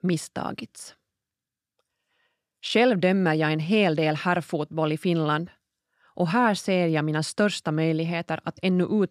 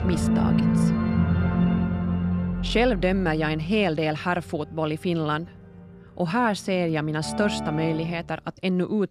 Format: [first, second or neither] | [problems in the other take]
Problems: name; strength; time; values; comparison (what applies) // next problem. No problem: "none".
first | background music; very loud; throughout; as loud as the speech